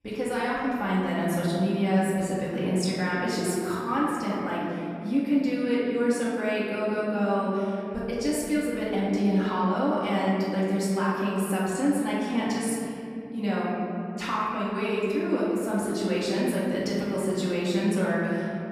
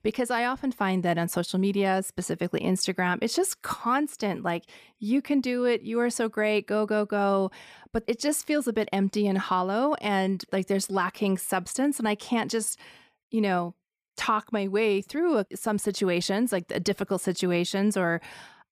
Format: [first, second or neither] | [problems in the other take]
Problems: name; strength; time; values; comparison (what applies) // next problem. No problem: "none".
second | room echo; strong; dies away in 3 s // off-mic speech; far